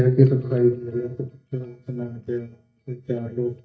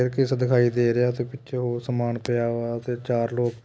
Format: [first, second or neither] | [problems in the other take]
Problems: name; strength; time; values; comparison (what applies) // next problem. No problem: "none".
second | noise reduction (neural mask model DeepFilterNet 3)